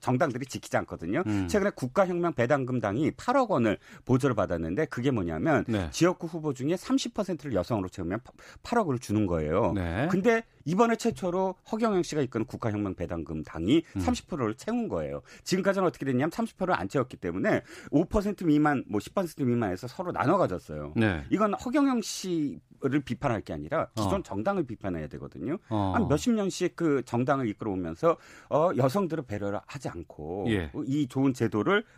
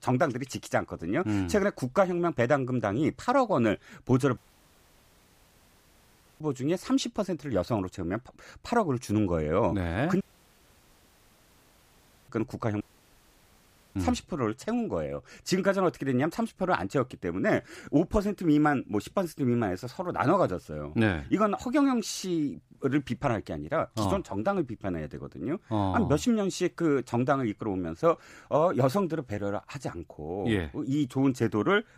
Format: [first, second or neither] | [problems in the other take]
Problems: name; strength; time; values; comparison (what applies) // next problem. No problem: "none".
first | audio cutting out; at 4.5 s for 2 s, at 10 s for 2 s and at 13 s for 1 s